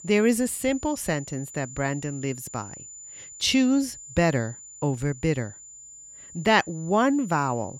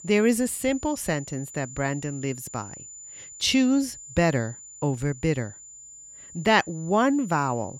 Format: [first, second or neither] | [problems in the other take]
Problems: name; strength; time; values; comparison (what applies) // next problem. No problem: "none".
neither | high-pitched whine; noticeable; throughout; 7 kHz, 15 dB below the speech; the same in both